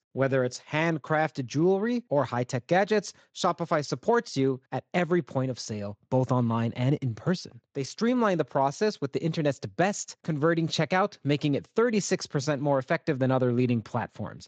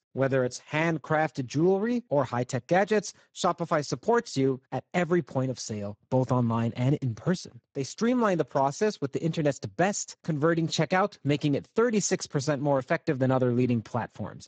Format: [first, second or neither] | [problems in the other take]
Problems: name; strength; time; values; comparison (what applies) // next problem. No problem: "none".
first | garbled, watery; badly; nothing above 7.5 kHz; slightly in the first